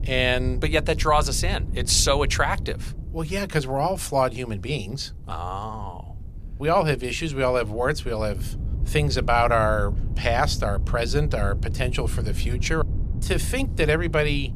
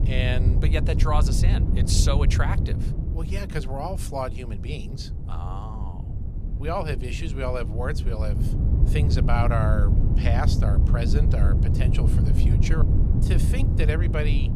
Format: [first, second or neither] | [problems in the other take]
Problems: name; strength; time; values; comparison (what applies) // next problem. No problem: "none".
first | low rumble; loud; throughout; 6 dB below the speech; faint in the first